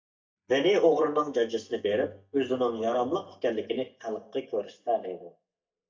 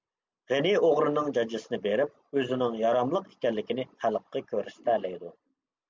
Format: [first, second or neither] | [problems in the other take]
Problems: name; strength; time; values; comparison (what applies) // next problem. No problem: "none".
second | noise reduction (neural mask model DeepFilterNet 3)